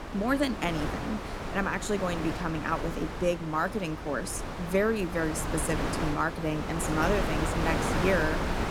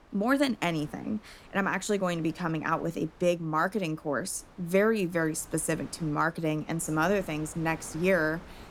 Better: second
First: wind noise on the microphone; heavy; 3 dB below the speech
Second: wind noise on the microphone; occasional gusts; 25 dB below the speech

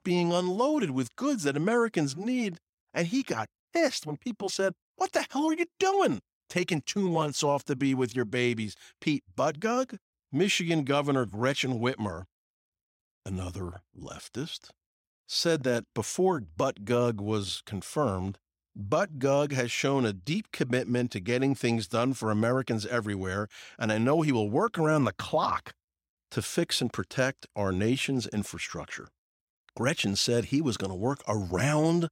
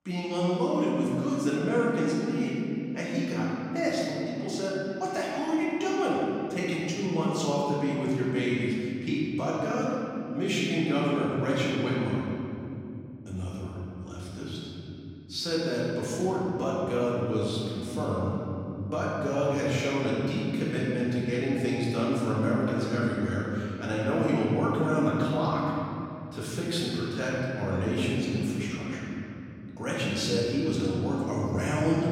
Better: first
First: none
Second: room echo; strong; dies away in 3 s // off-mic speech; far

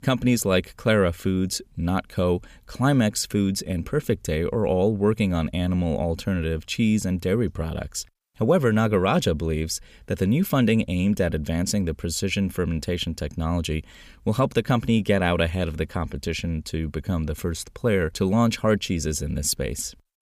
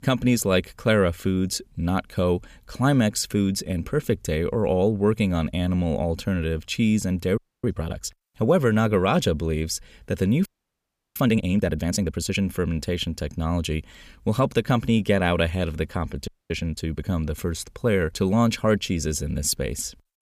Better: first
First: none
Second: audio freezing; at 7.5 s, at 10 s for 0.5 s and at 16 s

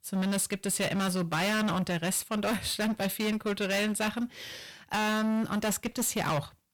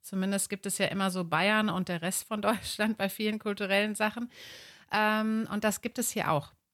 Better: second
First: distortion; heavy; 25% of the sound clipped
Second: none

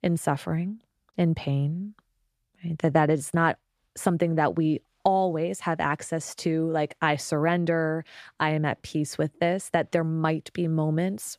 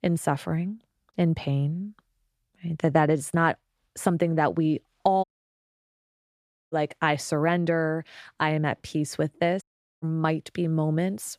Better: first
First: none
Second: audio cutting out; at 5 s for 1.5 s and at 9.5 s

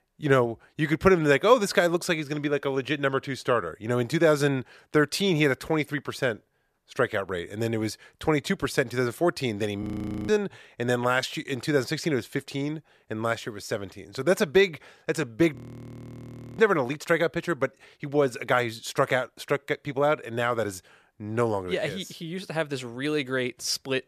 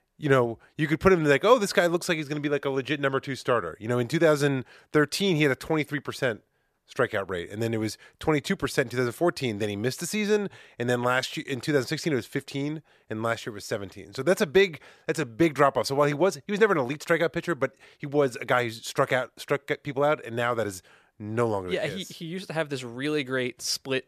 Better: second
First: audio freezing; at 10 s and at 16 s for 1 s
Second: none

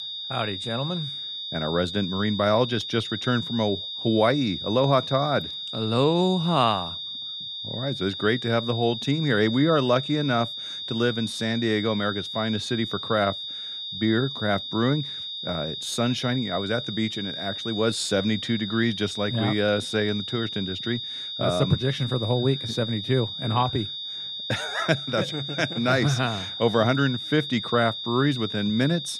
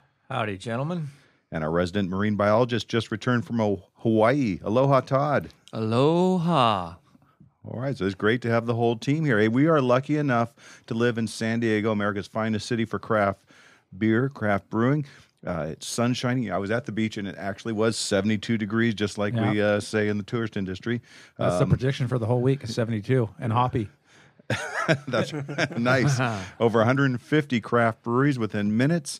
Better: second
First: high-pitched whine; loud; throughout; 3.5 kHz, 6 dB below the speech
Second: none

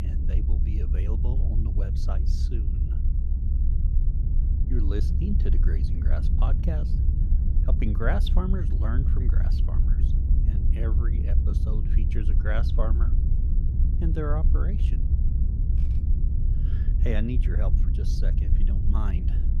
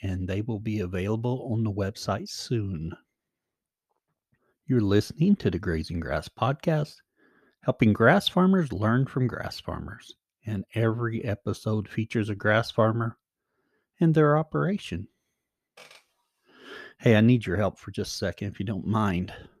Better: second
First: low rumble; loud; throughout; 4 dB below the speech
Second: none

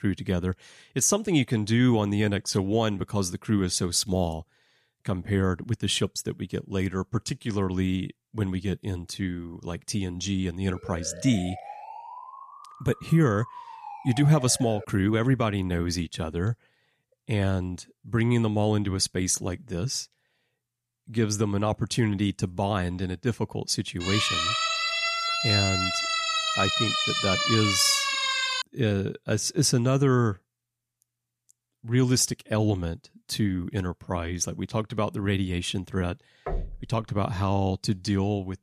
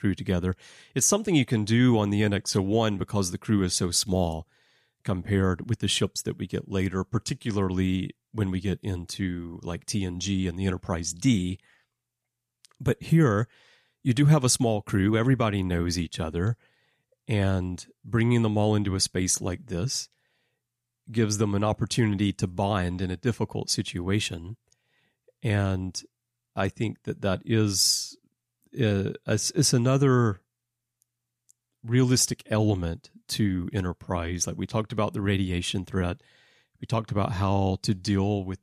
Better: second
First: siren; faint; from 11 to 15 s; peak 15 dB below the speech // siren; loud; from 24 to 29 s; peak 3 dB above the speech // door banging; noticeable; at 36 s; peak 8 dB below the speech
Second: none

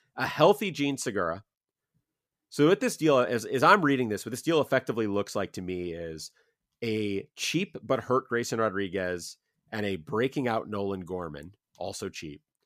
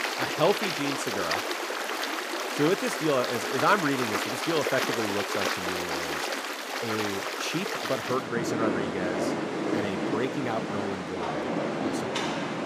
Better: first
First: none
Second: rain or running water; very loud; throughout; 1 dB above the speech

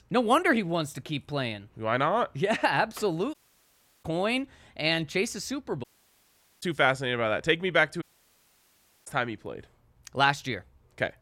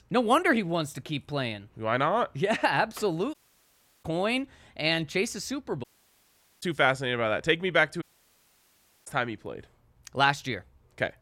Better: neither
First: audio cutting out; at 3.5 s for 0.5 s, at 6 s for 1 s and at 8 s for 1 s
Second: audio cutting out; at 3.5 s for 0.5 s, at 6 s for 1 s and at 8 s for 1 s

